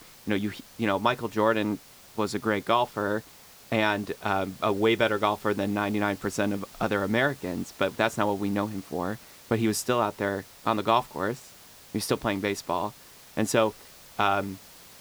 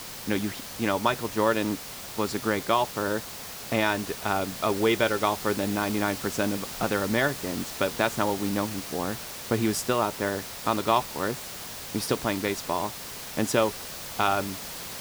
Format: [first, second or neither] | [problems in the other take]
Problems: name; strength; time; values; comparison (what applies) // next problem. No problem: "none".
first | hiss; loud; throughout; 8 dB below the speech; faint in the first